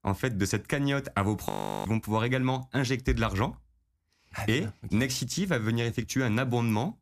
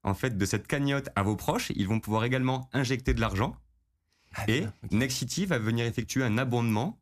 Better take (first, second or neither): second